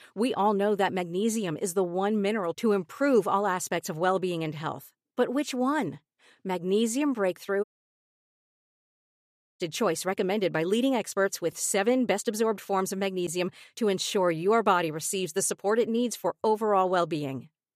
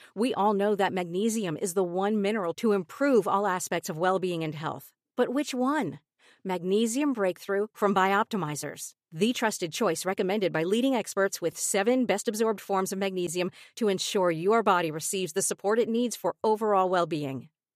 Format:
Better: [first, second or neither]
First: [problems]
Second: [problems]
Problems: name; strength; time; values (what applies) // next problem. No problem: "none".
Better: second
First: audio cutting out; at 7.5 s for 2 s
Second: none